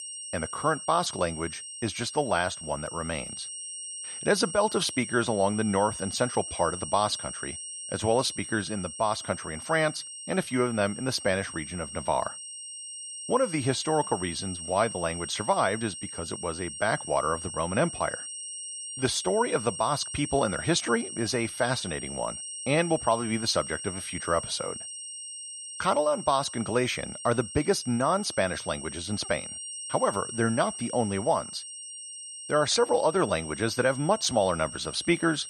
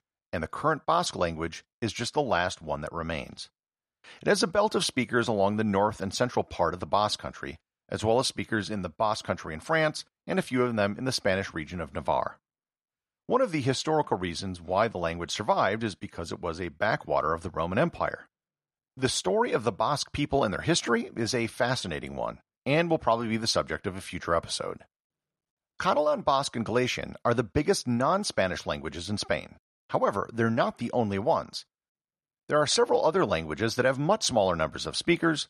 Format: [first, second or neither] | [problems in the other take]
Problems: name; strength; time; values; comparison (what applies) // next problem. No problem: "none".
second | high-pitched whine; loud; throughout; 8.5 kHz, 8 dB below the speech